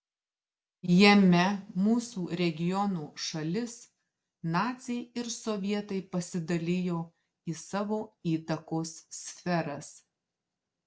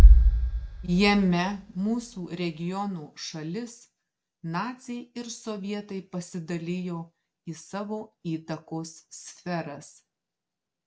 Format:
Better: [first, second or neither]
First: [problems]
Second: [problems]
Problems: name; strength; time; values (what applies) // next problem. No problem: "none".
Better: first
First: none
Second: background sound (Bass drum); 5 dB above the speech